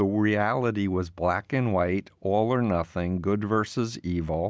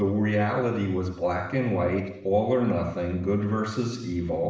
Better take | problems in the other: first | room echo; dies away in 0.7 s

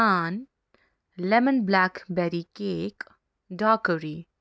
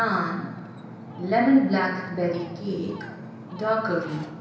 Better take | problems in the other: first | background sound (Ocean); 14 dB below the speech // room echo; dies away in 0.9 s

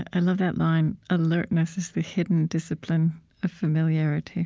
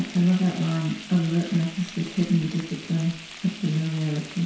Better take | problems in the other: first | background sound (Frying (food)); 16 dB below the speech // room echo; dies away in 0.7 s

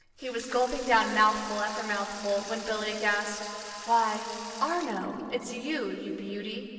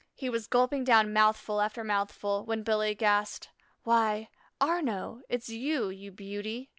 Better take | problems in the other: second | background sound (Sink (filling or washing) / Water tap, faucet); 15 dB below the speech // room echo; dies away in 2.6 s

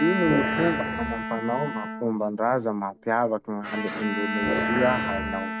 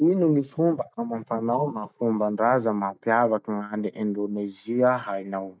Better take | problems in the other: second | background sound (Bowed string instrument + Growling); 2 dB below the speech

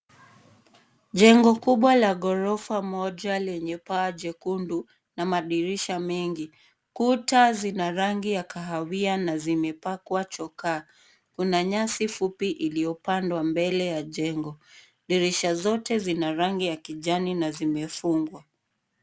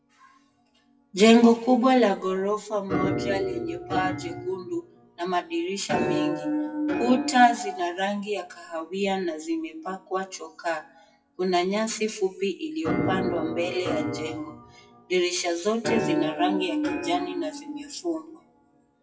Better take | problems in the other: first | noise reduction (classical method WPE with log-MMSE)

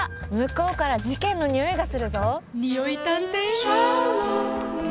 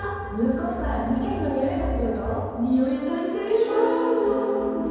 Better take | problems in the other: first | room echo; dies away in 2.2 s

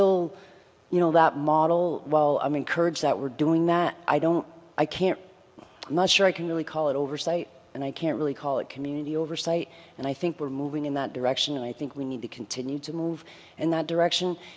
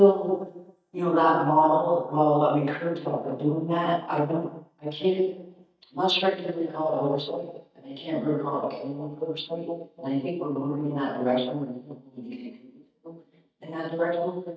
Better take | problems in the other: first | noise reduction (neural mask model DeepFilterNet 3)

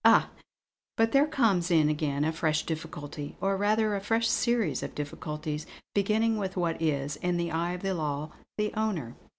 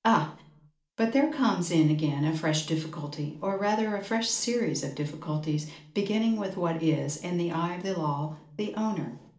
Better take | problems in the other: first | room echo; dies away in 0.4 s

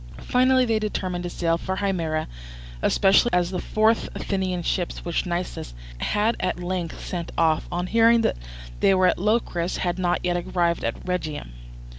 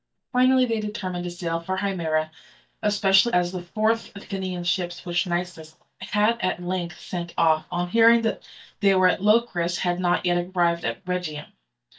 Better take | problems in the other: first | noise reduction (neural mask model DeepFilterNet 3)

